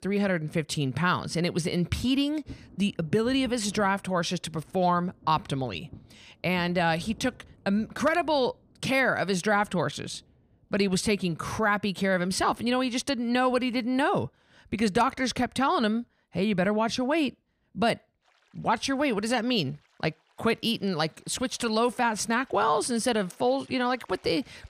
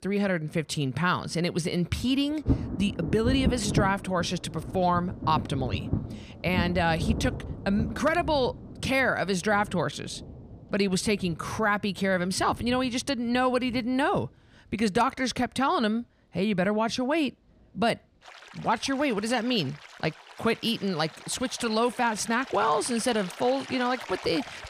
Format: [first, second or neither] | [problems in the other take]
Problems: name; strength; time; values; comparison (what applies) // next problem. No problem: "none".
first | rain or running water; loud; throughout; 9 dB below the speech; faint in the first